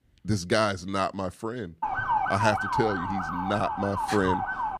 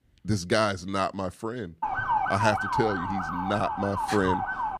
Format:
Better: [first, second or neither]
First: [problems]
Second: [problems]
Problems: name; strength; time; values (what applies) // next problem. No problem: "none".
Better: neither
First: siren; loud; from 2 s on; peak 2 dB above the speech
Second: siren; loud; from 2 s on; peak 2 dB above the speech